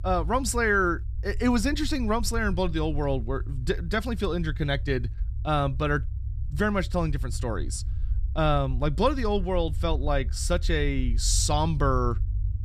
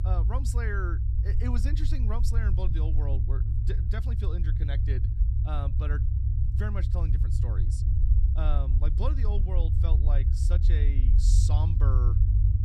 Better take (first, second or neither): first